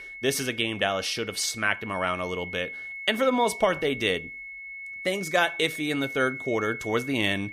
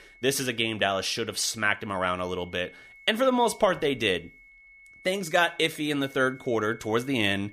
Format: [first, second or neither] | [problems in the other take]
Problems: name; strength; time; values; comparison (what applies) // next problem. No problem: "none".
second | high-pitched whine; loud; throughout; 2 kHz, 9 dB below the speech; faint in the second